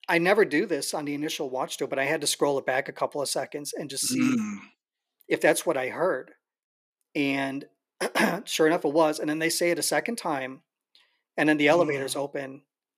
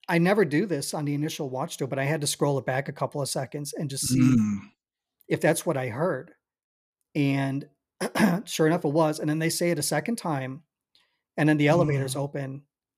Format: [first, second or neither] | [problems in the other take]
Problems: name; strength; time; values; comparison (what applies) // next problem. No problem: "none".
second | thin; very slightly; fading below 350 Hz